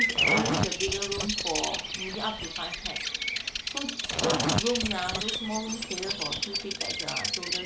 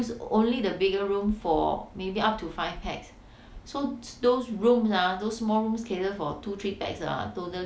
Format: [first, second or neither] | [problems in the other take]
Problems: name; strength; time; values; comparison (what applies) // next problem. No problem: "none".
second | background sound (Zipper (clothing) + Bird vocalization, bird call, bird song); 4 dB above the speech